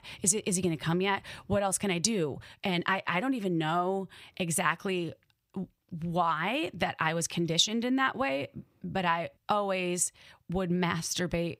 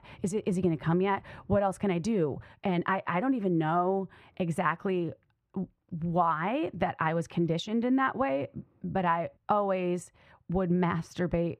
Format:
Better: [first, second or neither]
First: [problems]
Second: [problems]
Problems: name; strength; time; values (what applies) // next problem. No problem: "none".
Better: first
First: none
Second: muffled; very; fading above 2.5 kHz